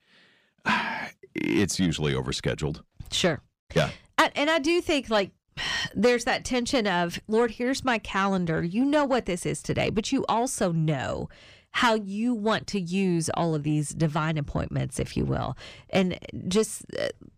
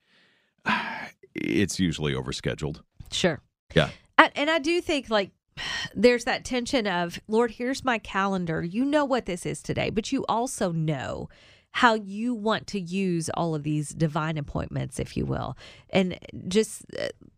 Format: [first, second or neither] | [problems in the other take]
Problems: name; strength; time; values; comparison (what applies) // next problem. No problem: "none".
second | distortion; slight; 10 dB below the speech